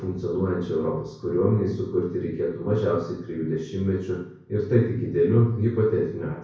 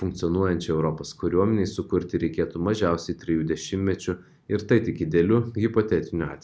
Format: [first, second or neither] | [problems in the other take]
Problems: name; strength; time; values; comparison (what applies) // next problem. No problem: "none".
second | room echo; dies away in 0.6 s